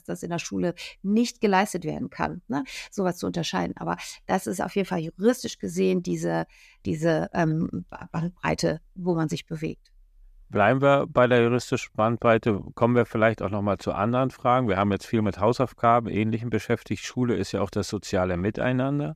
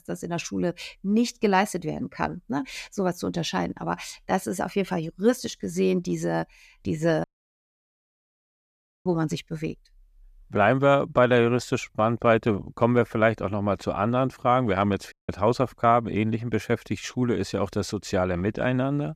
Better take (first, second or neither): first